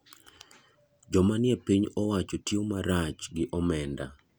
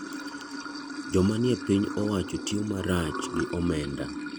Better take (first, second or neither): first